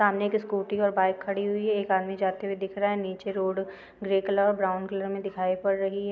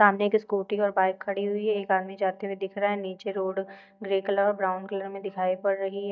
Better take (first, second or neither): first